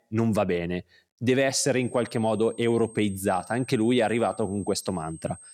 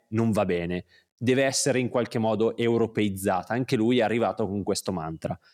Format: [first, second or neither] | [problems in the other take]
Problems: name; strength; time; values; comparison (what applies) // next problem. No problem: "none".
second | high-pitched whine; faint; from 2 s on; 8.5 kHz, 20 dB below the speech